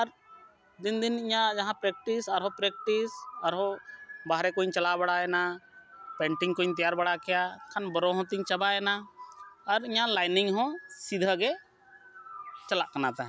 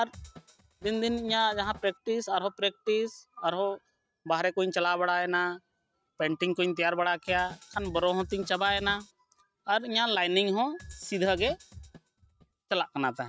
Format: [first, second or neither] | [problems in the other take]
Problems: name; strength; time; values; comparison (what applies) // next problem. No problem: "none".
first | noise reduction (neural mask model RNNoise)